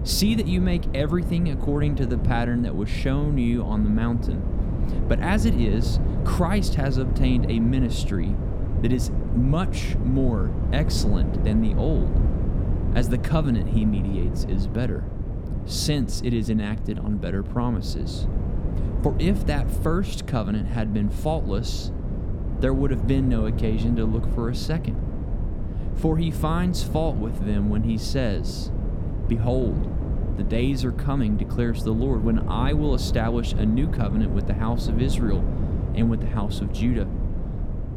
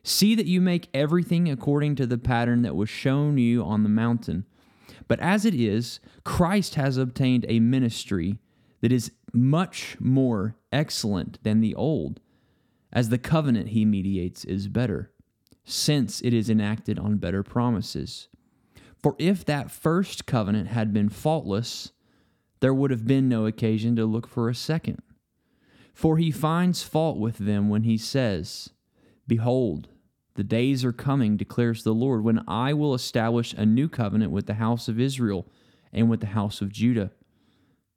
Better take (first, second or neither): second